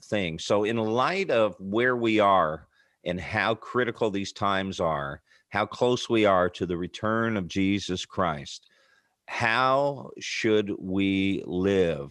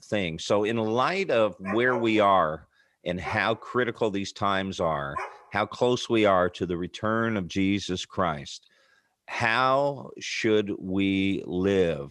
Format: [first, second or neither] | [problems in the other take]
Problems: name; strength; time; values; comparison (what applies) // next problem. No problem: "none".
first | dog barking; noticeable; from 1.5 to 5.5 s; peak 8 dB below the speech